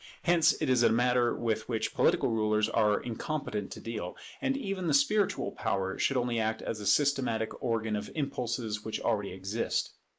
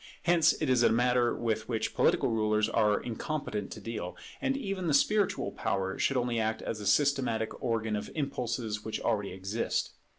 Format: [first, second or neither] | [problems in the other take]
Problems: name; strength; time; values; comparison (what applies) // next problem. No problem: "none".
second | noise reduction (neural mask model Resemble Enhance denoiser)